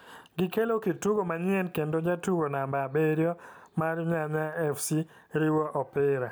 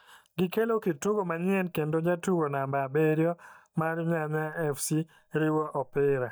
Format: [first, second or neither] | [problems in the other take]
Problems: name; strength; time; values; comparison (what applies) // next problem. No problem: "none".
first | noise reduction (neural mask model DeepFilterNet 3)